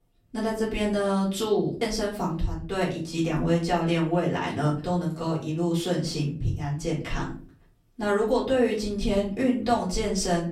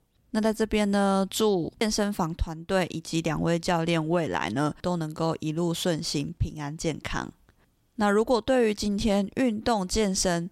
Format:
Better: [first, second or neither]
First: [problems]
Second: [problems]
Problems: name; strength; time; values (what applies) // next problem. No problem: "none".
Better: second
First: off-mic speech; far // room echo; slight; dies away in 0.4 s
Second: none